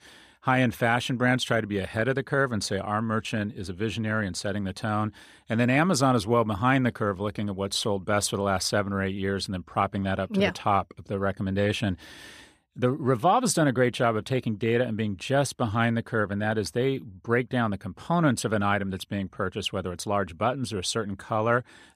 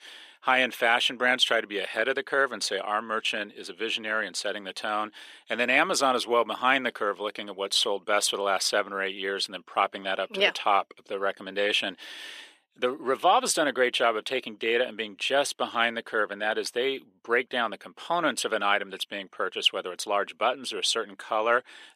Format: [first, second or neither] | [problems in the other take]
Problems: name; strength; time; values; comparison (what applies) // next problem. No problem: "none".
first | thin; somewhat; fading below 350 Hz